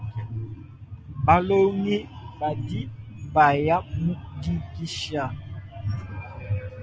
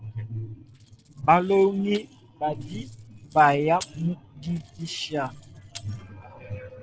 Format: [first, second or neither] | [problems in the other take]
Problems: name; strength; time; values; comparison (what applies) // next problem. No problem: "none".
first | noise reduction (neural separator model SepFormer DNS4)